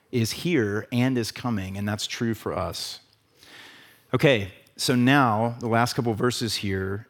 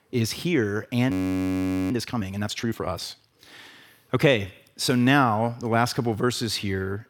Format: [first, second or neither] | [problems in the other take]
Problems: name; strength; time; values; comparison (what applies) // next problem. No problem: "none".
first | audio freezing; at 1 s for 1 s